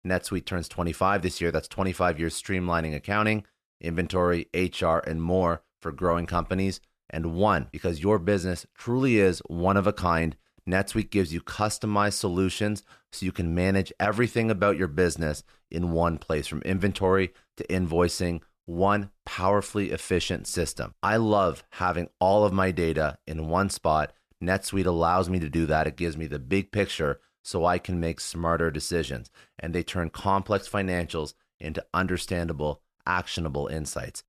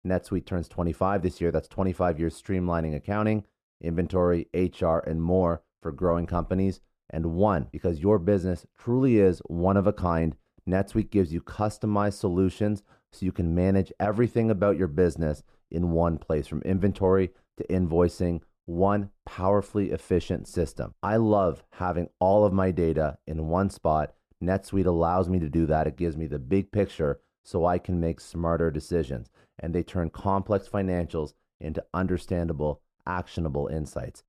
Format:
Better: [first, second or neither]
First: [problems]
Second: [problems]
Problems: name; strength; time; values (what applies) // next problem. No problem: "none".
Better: first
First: none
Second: muffled; slightly; fading above 1 kHz